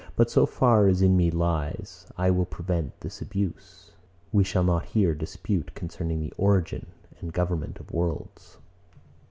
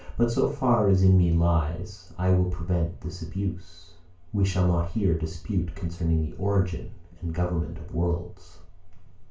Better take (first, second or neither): first